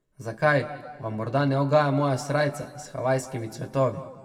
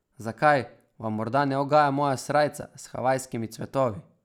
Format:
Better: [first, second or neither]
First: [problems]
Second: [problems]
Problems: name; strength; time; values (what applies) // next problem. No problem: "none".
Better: second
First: room echo; dies away in 1.5 s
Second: none